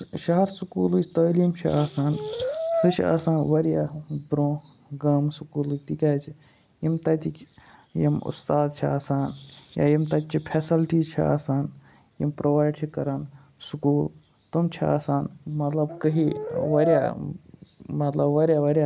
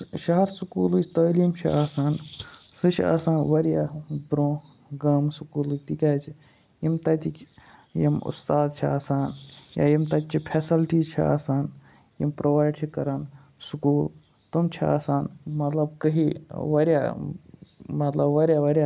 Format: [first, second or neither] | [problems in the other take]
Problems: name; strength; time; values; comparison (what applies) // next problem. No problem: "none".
second | background sound (Brass instrument); 5 dB below the speech